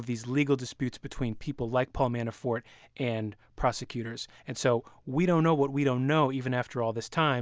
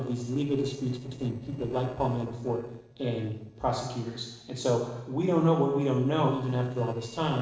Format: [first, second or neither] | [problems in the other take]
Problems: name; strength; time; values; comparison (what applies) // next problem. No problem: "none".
first | noise reduction (neural separator model SepFormer DNS4)